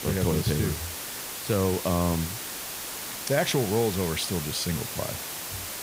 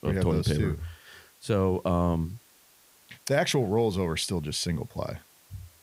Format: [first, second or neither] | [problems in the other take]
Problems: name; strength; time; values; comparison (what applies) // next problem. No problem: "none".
second | hiss; loud; throughout; 5 dB below the speech; faint in the second